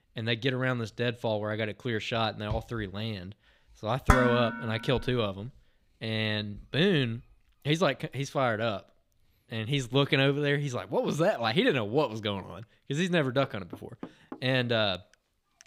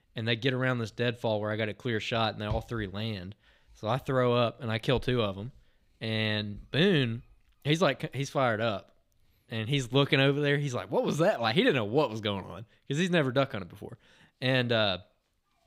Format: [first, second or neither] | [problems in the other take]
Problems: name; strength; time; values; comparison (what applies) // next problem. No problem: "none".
second | clattering dishes; loud; at 4 s; peak 4 dB above the speech // door banging; faint; from 13 s on; peak 15 dB below the speech